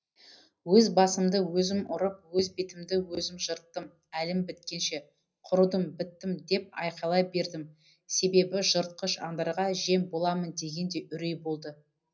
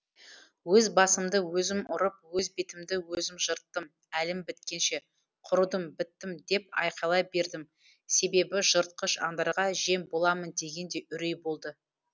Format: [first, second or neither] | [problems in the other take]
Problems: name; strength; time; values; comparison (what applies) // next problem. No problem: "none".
second | room echo; dies away in 0.4 s